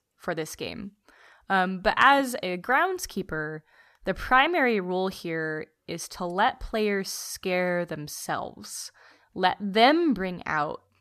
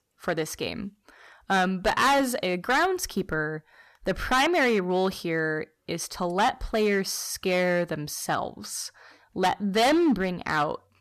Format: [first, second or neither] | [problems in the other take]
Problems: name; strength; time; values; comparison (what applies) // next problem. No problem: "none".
first | distortion; heavy; 6% of the sound clipped